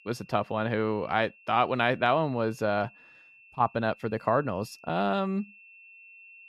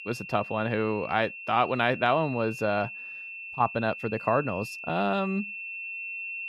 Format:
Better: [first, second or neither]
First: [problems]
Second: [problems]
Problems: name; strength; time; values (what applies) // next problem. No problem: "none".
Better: first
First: high-pitched whine; faint; throughout; 2.5 kHz, 25 dB below the speech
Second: high-pitched whine; loud; throughout; 2.5 kHz, 9 dB below the speech